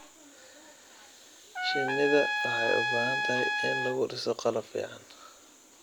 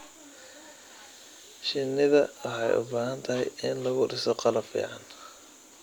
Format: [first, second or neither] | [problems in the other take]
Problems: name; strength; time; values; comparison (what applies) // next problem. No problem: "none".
second | background sound (Trumpet); 2 dB above the speech